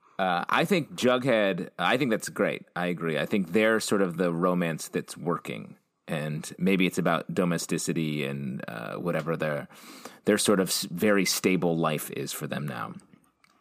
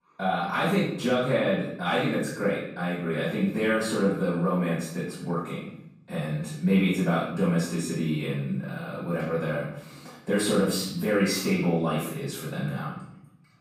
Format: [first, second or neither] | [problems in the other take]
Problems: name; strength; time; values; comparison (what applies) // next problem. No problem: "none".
first | off-mic speech; far // room echo; noticeable; dies away in 0.7 s